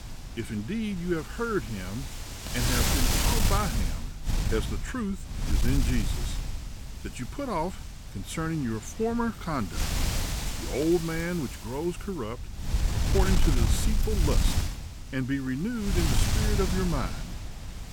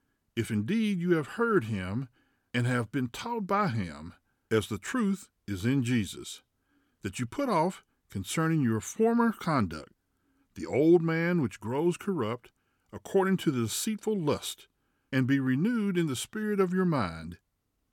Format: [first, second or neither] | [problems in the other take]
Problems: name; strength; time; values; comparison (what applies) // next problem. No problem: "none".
second | wind noise on the microphone; heavy; 1 dB below the speech